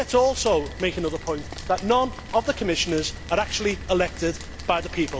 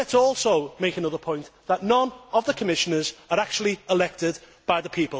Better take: second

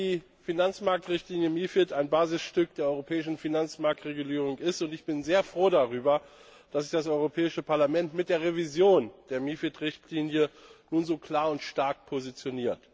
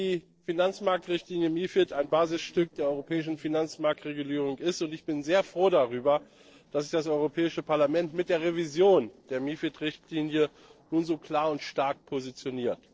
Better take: first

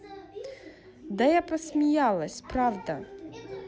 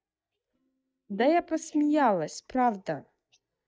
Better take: first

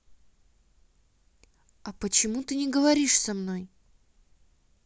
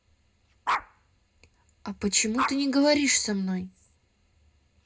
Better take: first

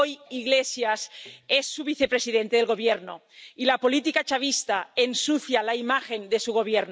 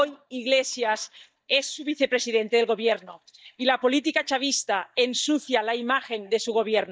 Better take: first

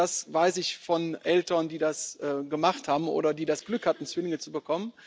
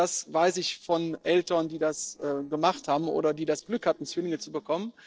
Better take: first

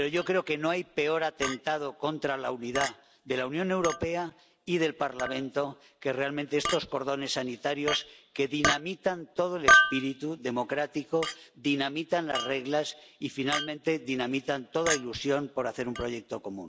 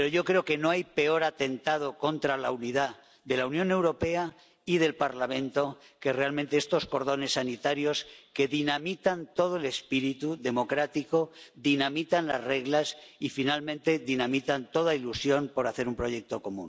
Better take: second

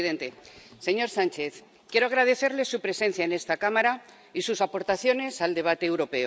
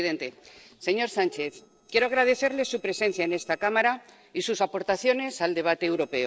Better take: first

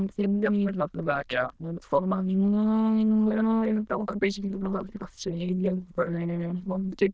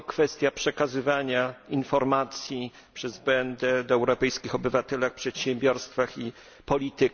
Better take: second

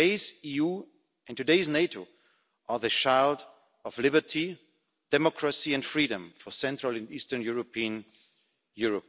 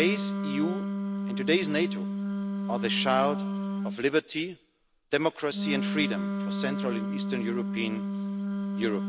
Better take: first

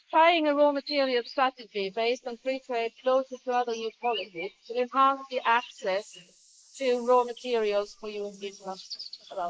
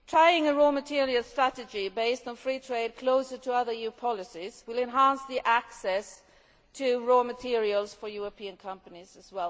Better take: second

